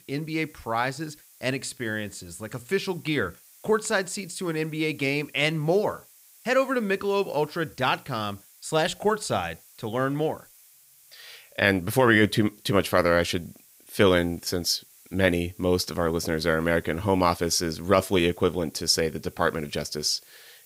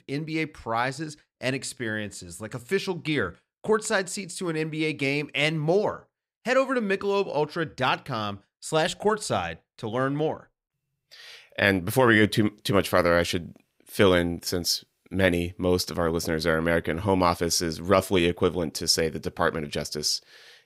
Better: second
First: hiss; faint; throughout; 25 dB below the speech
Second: none

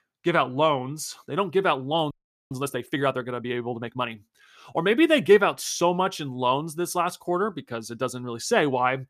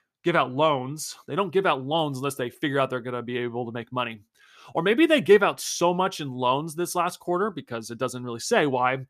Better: second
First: audio freezing; at 2 s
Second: none

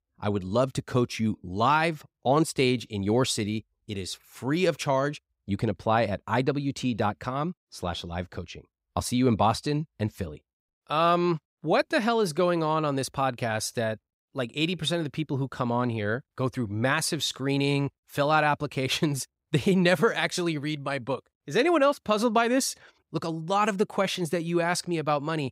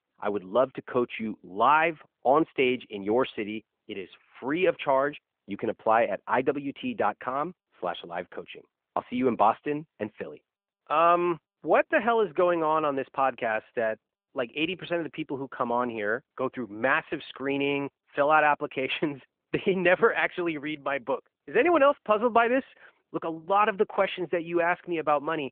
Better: first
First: none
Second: phone-call audio

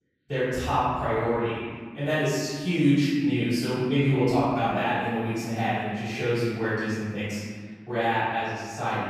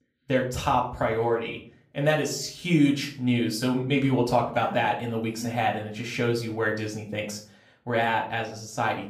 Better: second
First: room echo; strong; dies away in 1.6 s // off-mic speech; far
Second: room echo; slight; dies away in 0.4 s // off-mic speech; somewhat distant

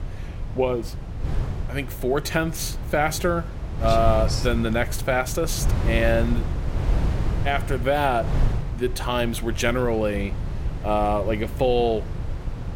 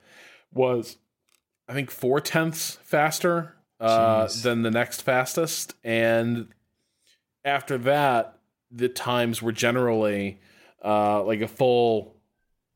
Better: second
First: wind noise on the microphone; occasional gusts; 15 dB below the speech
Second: none

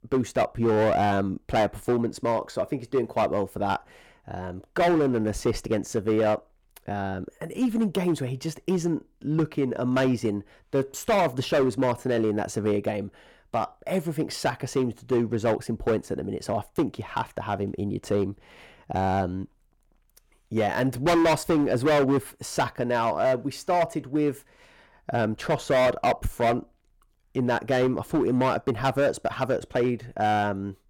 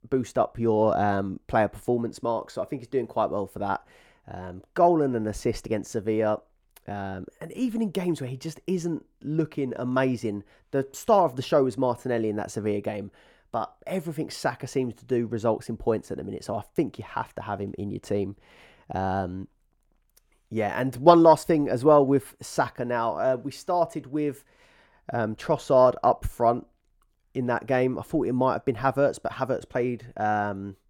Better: second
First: distortion; heavy; 8% of the sound clipped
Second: none

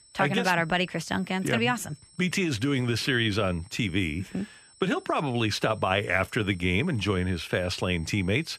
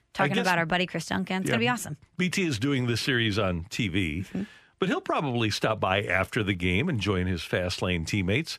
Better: second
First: high-pitched whine; faint; throughout; 8 kHz, 25 dB below the speech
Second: none

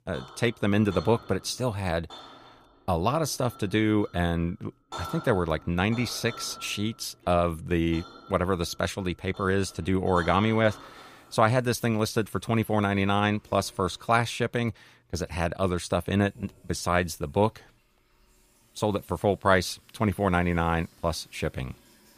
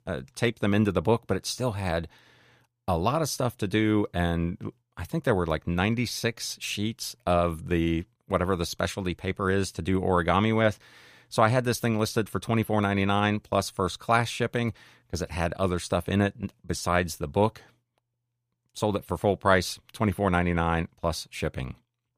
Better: second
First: household noises; noticeable; throughout; 20 dB below the speech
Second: none

